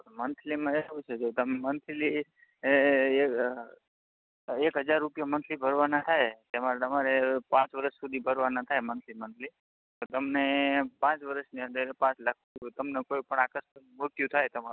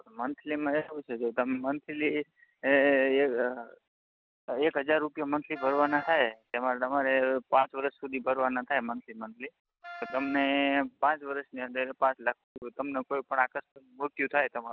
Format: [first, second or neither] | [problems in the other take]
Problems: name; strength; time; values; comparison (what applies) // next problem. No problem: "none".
first | background sound (Wind instrument, woodwind instrument); 15 dB below the speech